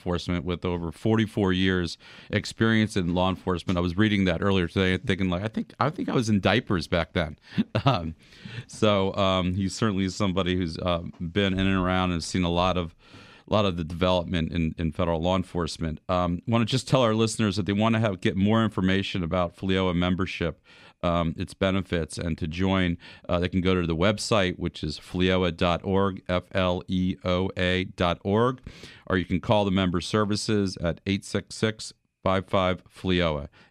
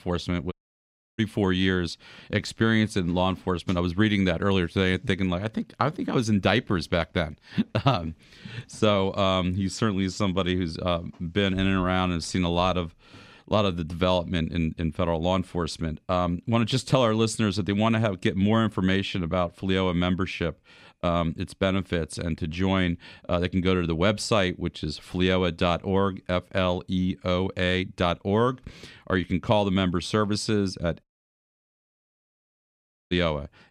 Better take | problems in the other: first | audio cutting out; at 0.5 s for 0.5 s and at 31 s for 2 s

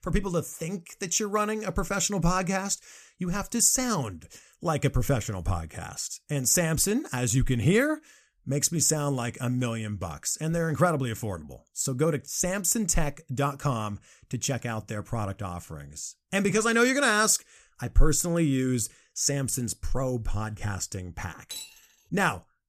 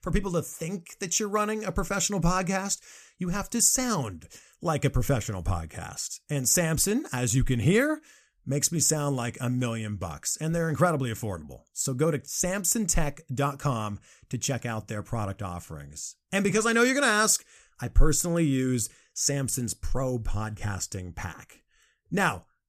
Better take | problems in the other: second | clattering dishes; faint; at 22 s; peak 10 dB below the speech

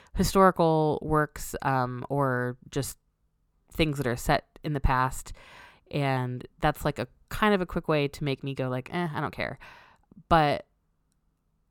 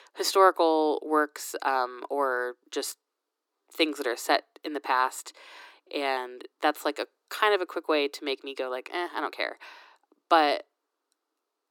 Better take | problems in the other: first | thin; somewhat; fading below 300 Hz

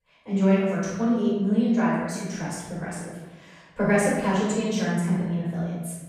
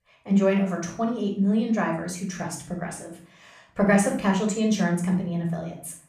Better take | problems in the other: second | room echo; strong; dies away in 1.2 s; slight in the second // off-mic speech; far; somewhat distant in the second

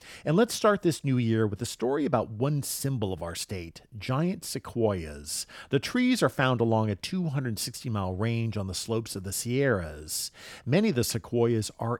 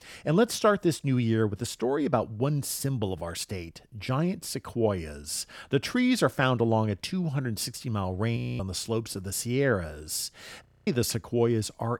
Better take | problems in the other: first | audio freezing; at 8.5 s and at 11 s

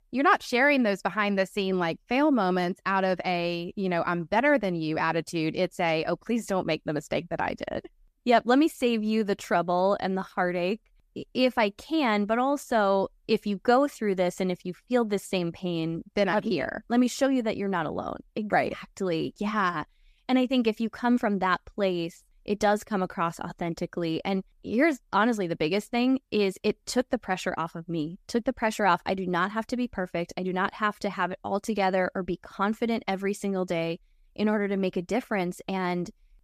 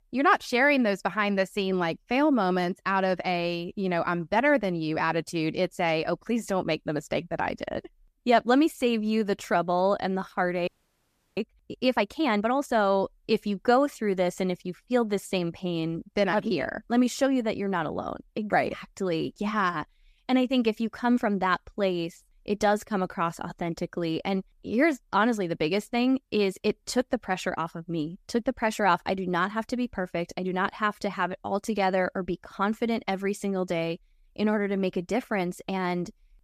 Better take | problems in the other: first | audio freezing; at 11 s for 0.5 s

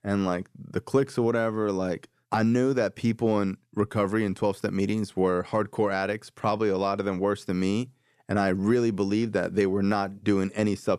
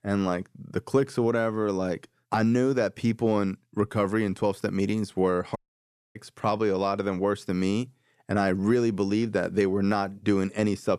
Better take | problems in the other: first | audio cutting out; at 5.5 s for 0.5 s

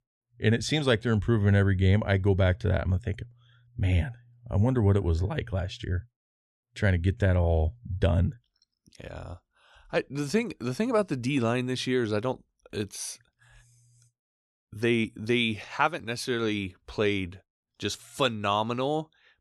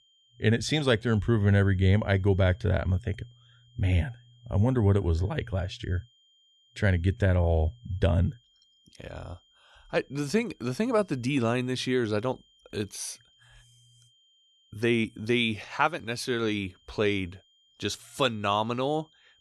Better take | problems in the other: first | high-pitched whine; faint; throughout; 3 kHz, 35 dB below the speech

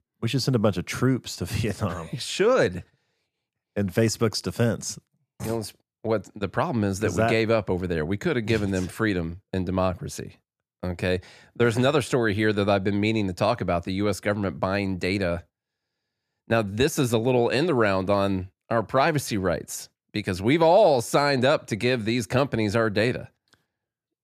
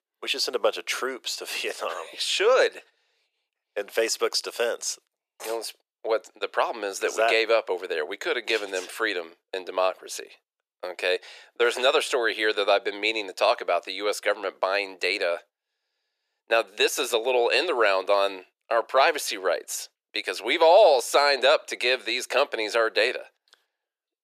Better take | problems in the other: first | thin; very; fading below 400 Hz

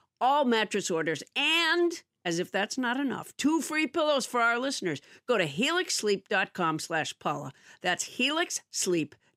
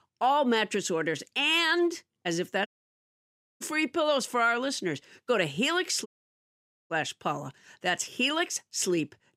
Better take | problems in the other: first | audio cutting out; at 2.5 s for 1 s and at 6 s for 1 s

